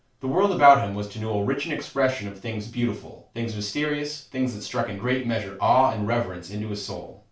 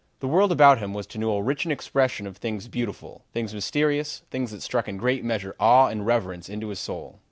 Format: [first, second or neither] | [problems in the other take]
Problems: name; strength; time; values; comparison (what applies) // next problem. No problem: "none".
second | room echo; dies away in 0.3 s